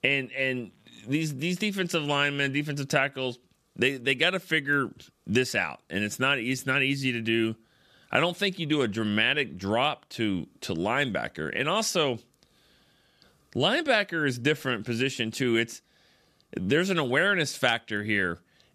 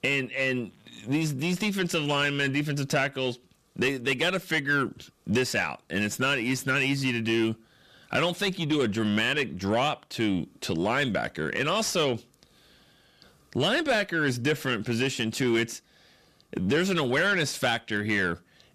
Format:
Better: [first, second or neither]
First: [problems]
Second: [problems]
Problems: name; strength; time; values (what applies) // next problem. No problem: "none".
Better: first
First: none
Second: distortion; slight; 10 dB below the speech